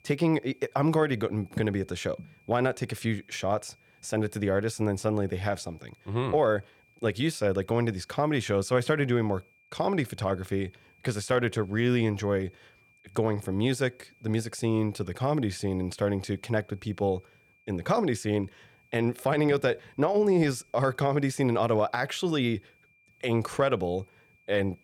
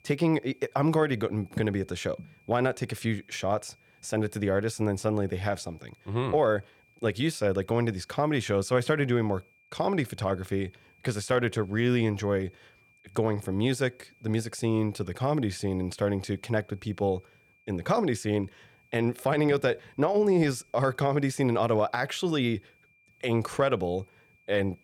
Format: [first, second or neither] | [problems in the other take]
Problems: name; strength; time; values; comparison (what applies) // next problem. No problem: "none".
neither | high-pitched whine; faint; throughout; 2.5 kHz, 35 dB below the speech; the same in both